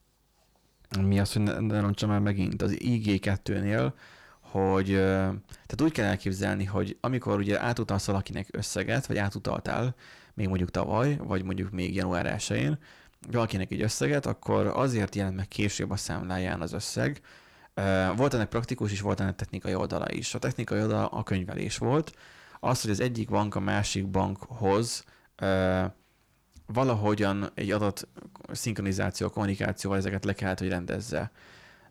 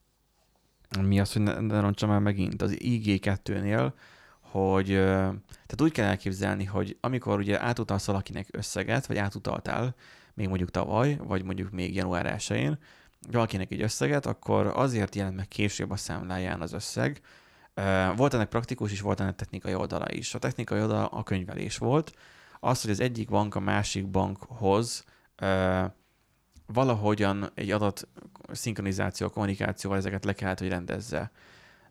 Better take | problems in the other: second | distortion; slight; 10 dB below the speech

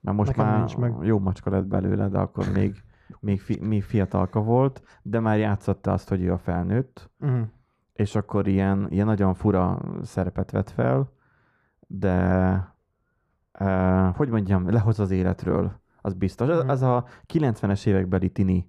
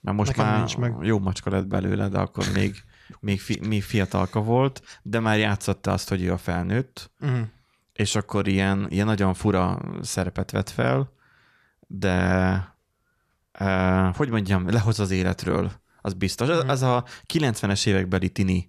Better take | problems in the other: second | muffled; very; fading above 2 kHz

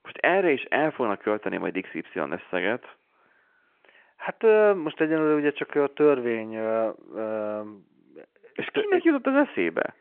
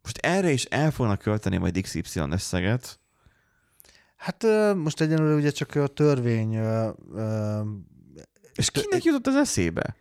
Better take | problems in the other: second | phone-call audio

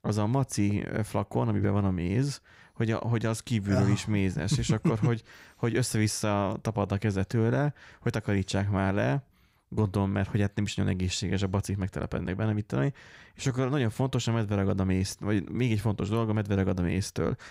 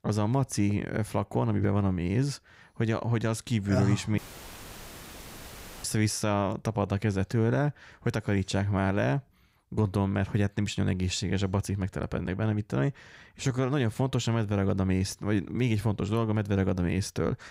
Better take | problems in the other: first | audio cutting out; filled with static; at 4 s for 1.5 s

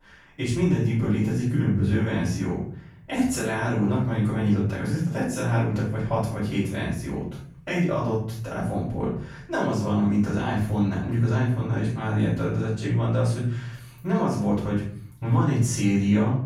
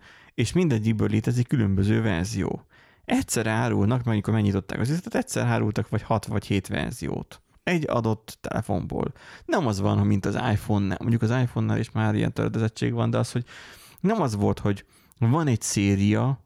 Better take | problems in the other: second | off-mic speech; far // room echo; noticeable; dies away in 0.6 s

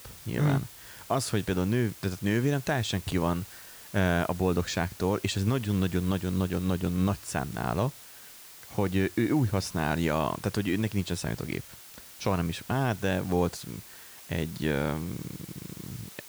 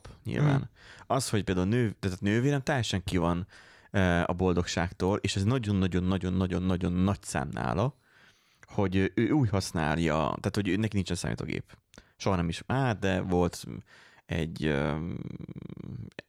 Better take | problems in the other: second | hiss; noticeable; throughout; 15 dB below the speech

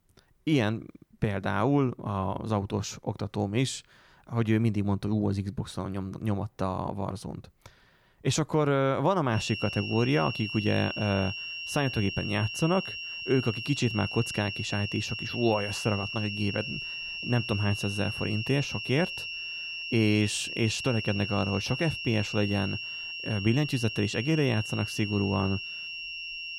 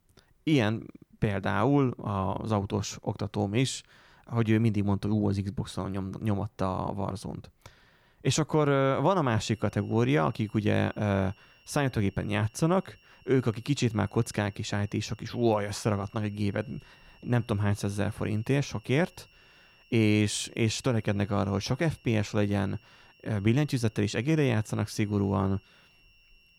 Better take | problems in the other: second | high-pitched whine; loud; from 9.5 s on; 2.5 kHz, 5 dB below the speech; faint in the second

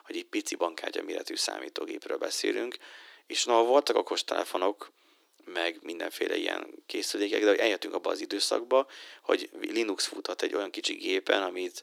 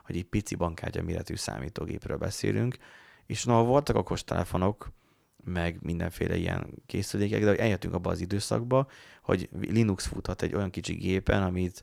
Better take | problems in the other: second | thin; very; fading below 300 Hz

